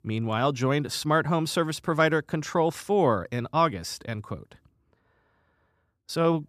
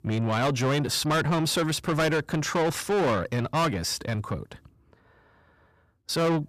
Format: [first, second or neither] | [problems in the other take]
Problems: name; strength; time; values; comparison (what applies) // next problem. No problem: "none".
first | distortion; heavy; 6 dB below the speech